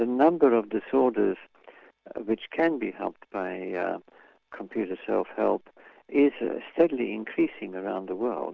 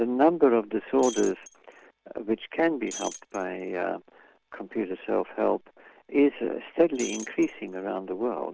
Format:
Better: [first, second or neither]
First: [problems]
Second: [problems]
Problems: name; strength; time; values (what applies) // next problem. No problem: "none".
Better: first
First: none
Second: background sound (Shatter); 15 dB below the speech